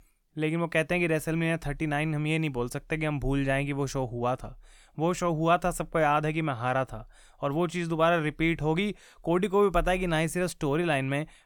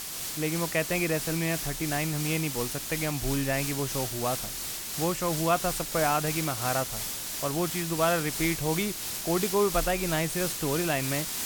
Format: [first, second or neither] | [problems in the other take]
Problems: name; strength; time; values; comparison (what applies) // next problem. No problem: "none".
first | hiss; loud; throughout; 2 dB below the speech